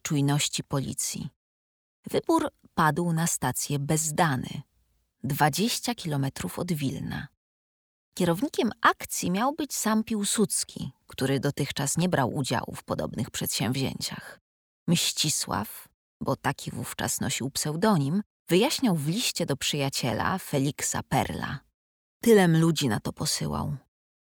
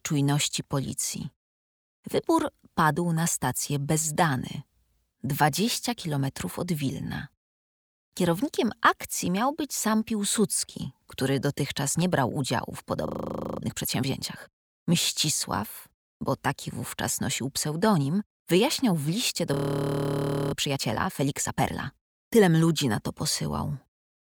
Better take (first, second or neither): first